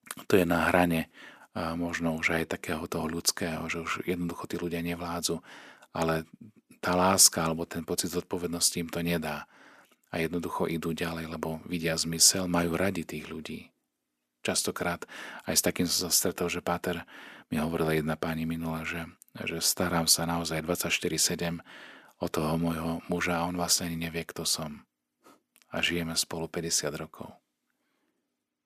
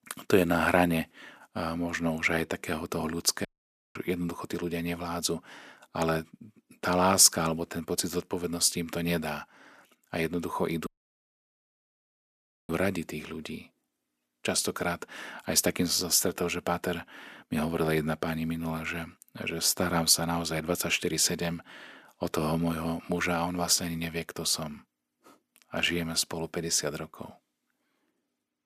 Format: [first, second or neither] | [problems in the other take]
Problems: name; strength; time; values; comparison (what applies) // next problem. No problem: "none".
first | audio cutting out; at 3.5 s for 0.5 s and at 11 s for 2 s